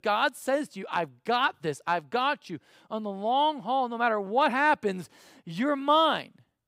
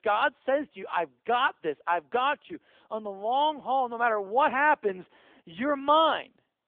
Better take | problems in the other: first | phone-call audio; nothing above 3.5 kHz

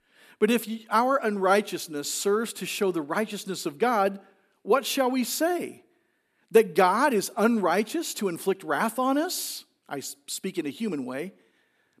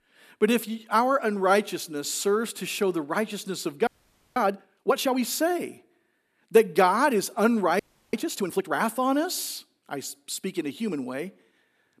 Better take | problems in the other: first | audio freezing; at 4 s and at 8 s

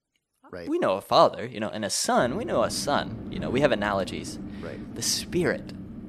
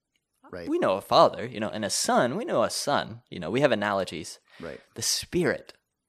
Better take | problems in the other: second | wind noise on the microphone; occasional gusts; from 2 s on; 20 dB below the speech

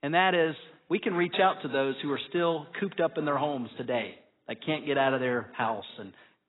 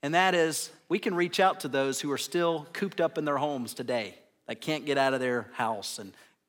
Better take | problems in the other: second | garbled, watery; badly; nothing above 4 kHz

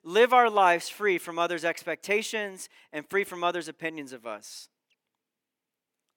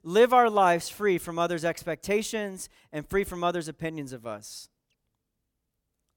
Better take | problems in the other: second | thin; very slightly; fading below 300 Hz

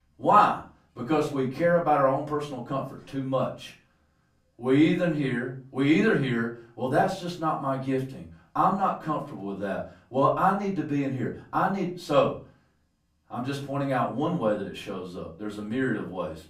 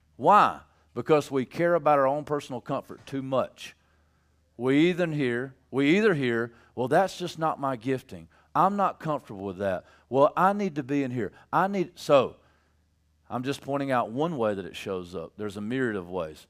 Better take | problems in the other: second | room echo; slight; dies away in 0.3 s // off-mic speech; far

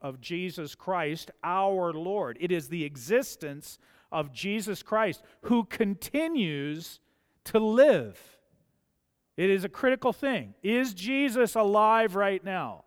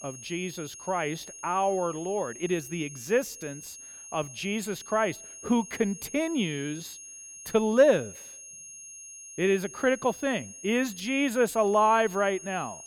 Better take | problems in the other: first | high-pitched whine; noticeable; throughout; 6.5 kHz, 15 dB below the speech

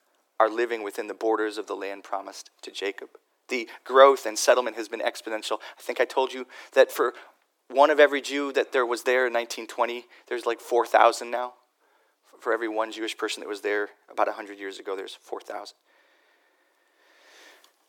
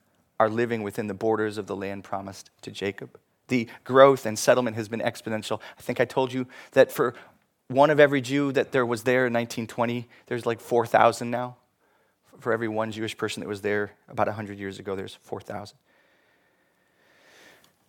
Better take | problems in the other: second | thin; somewhat; fading below 300 Hz

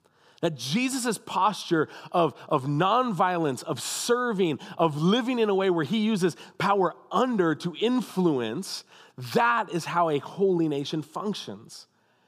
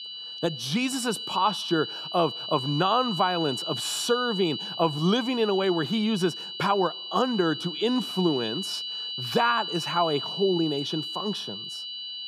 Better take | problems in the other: first | high-pitched whine; loud; throughout; 3 kHz, 6 dB below the speech

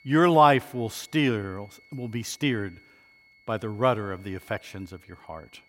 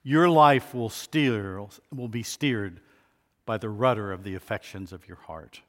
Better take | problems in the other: second | high-pitched whine; faint; throughout; 2 kHz, 30 dB below the speech

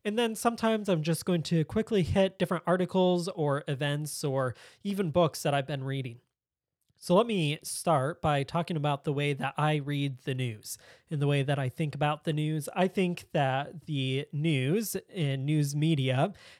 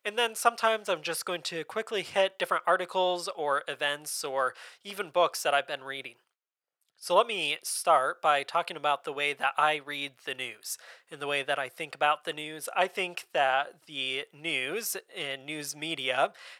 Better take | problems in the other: first | thin; very; fading below 700 Hz

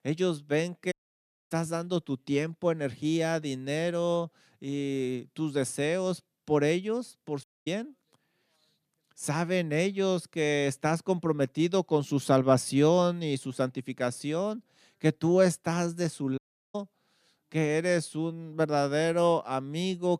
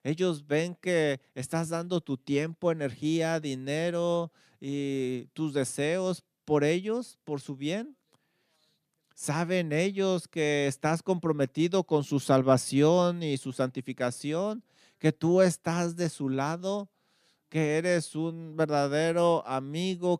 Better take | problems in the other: second | audio cutting out; at 1 s for 0.5 s, at 7.5 s and at 16 s

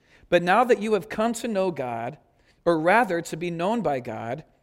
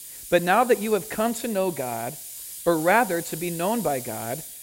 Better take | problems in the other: first | hiss; noticeable; throughout; 10 dB below the speech

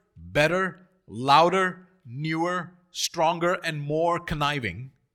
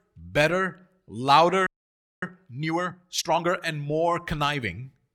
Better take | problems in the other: first | audio freezing; at 1.5 s for 0.5 s

